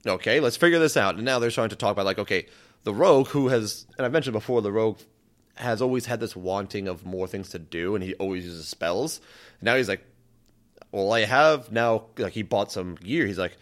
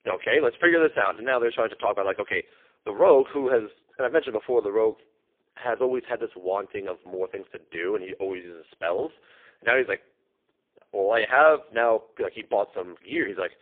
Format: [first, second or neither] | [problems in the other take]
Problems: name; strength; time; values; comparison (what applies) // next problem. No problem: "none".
first | phone-call audio; poor line